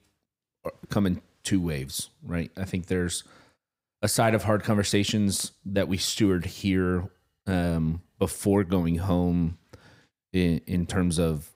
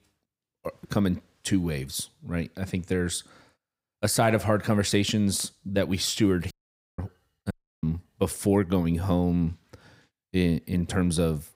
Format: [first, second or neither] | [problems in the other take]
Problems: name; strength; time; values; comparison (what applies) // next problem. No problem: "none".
first | audio cutting out; at 6.5 s and at 7.5 s